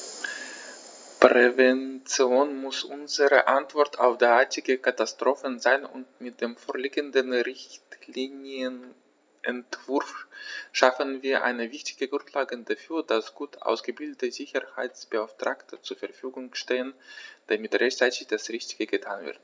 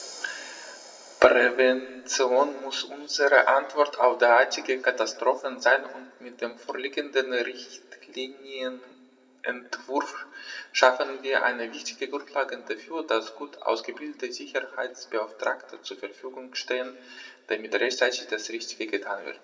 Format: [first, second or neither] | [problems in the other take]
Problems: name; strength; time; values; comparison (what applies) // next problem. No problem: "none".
first | room echo; dies away in 2.1 s